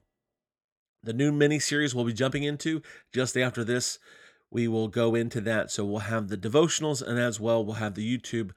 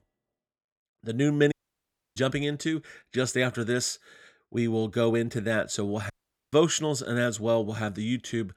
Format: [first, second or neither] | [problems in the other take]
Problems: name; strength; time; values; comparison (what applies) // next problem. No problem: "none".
first | audio cutting out; at 1.5 s for 0.5 s and at 6 s